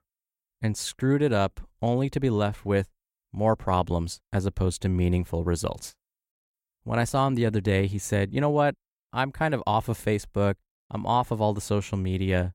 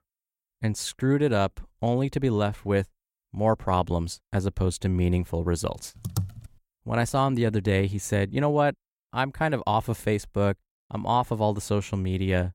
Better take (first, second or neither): first